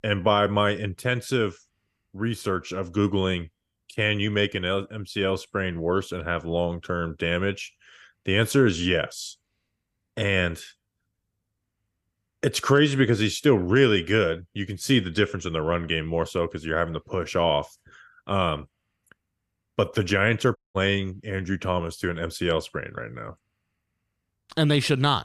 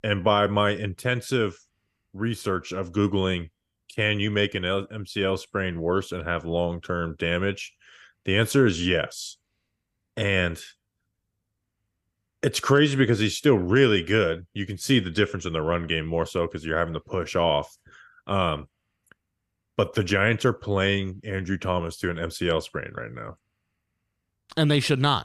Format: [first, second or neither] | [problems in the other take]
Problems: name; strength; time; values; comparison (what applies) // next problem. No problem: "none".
second | audio cutting out; at 21 s